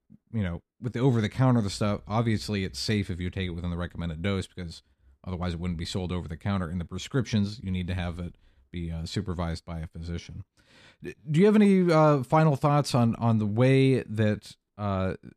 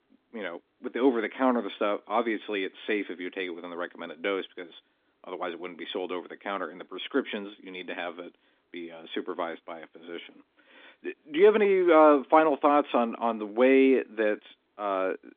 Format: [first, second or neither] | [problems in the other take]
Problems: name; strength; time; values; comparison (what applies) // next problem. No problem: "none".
first | phone-call audio; nothing above 3.5 kHz